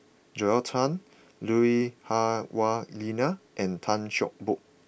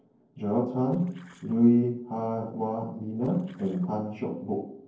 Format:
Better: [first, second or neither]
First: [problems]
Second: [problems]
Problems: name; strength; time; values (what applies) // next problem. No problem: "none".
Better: first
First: none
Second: noise reduction (neural separator model SepFormer DNS4)